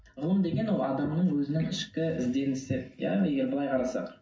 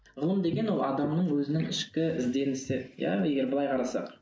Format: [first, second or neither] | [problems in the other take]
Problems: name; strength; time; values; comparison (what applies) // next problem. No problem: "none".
second | room echo; dies away in 0.4 s